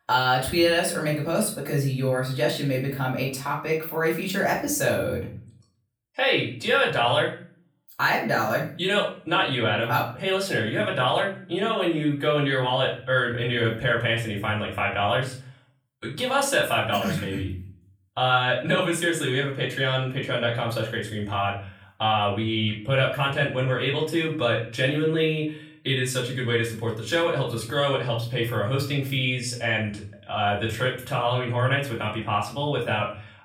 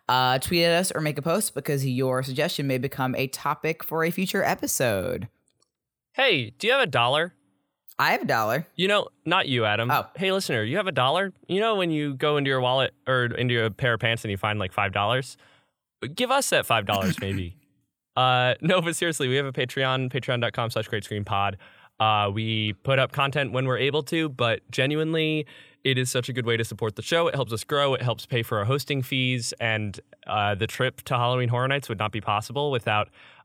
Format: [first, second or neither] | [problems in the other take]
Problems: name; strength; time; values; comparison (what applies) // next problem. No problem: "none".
second | off-mic speech; far // room echo; slight; dies away in 0.4 s